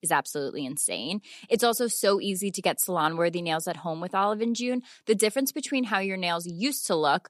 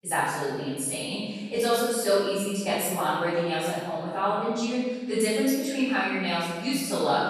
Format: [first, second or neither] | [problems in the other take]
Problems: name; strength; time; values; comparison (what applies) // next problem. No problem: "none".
first | room echo; strong; dies away in 1.4 s // off-mic speech; far